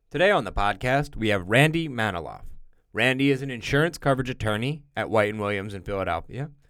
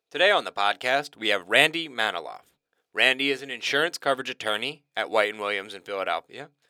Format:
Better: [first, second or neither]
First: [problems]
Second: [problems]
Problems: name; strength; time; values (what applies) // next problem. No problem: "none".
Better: first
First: none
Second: thin; somewhat; fading below 450 Hz